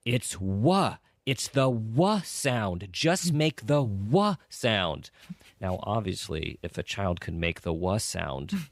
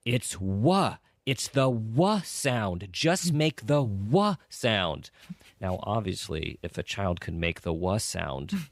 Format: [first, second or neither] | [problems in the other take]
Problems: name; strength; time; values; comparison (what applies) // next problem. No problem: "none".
neither | none